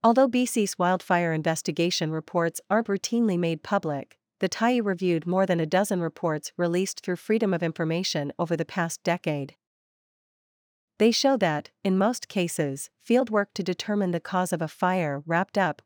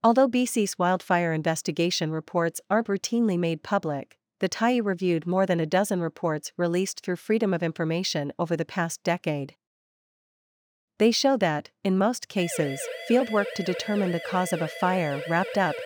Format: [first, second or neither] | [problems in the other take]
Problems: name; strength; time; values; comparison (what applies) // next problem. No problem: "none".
first | siren; noticeable; from 12 s on; peak 9 dB below the speech